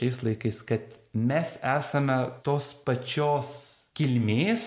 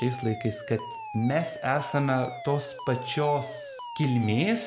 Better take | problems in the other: first | background sound (Alarm); 11 dB below the speech

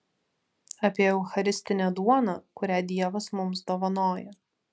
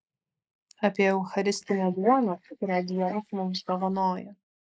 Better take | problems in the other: first | noise reduction (neural mask model Resemble Enhance denoiser)

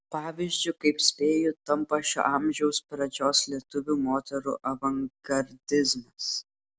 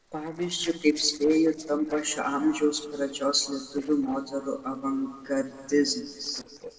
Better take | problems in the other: first | noise reduction (neural separator model SepFormer DNS4)

